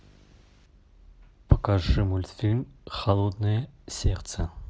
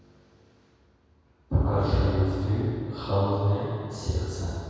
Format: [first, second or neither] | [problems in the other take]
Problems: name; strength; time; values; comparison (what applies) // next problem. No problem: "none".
first | room echo; dies away in 2.2 s